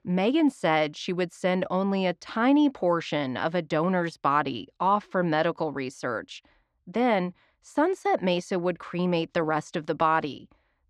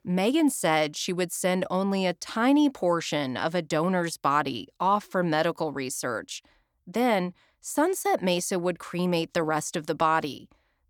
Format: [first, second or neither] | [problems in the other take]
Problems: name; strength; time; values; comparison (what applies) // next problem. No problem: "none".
second | muffled; slightly; fading above 3.5 kHz